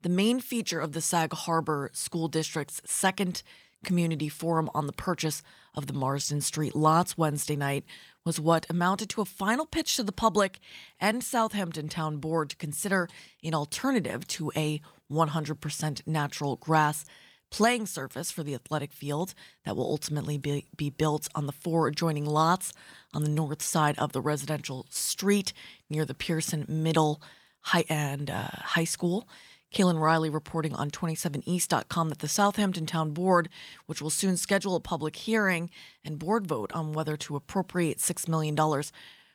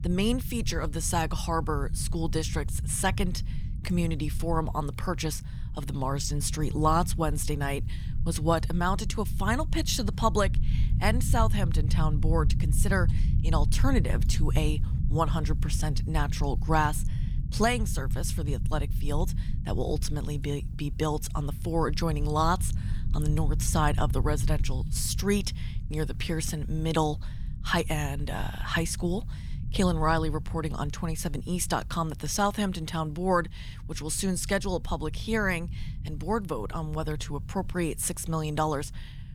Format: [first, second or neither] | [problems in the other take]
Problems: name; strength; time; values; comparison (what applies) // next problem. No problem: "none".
first | low rumble; noticeable; throughout; 15 dB below the speech